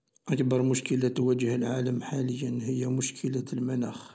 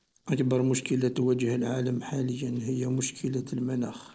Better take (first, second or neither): first